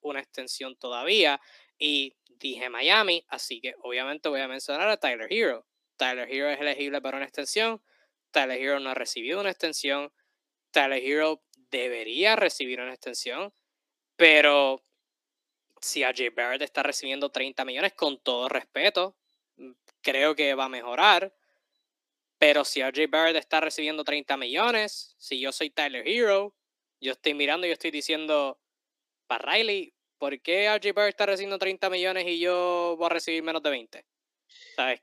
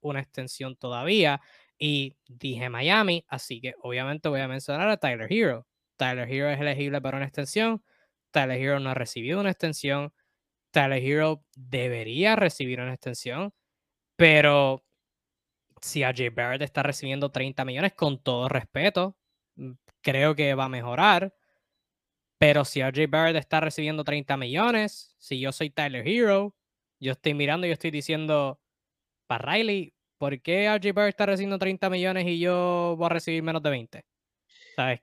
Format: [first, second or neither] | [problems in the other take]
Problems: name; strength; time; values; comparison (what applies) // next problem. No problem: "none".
second | thin; somewhat; fading below 300 Hz